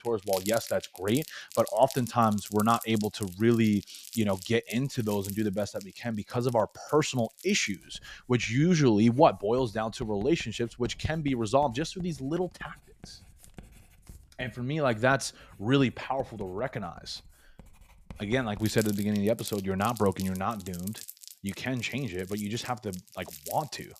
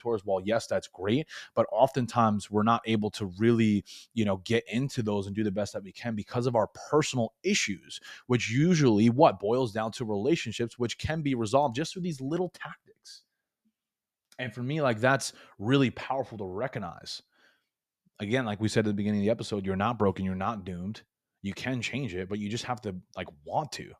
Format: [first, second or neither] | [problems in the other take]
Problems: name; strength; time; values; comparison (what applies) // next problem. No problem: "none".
second | household noises; noticeable; throughout; 15 dB below the speech